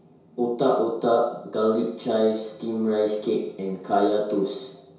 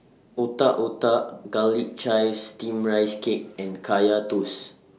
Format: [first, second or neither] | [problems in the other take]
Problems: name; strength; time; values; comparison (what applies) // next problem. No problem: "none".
second | room echo; dies away in 0.6 s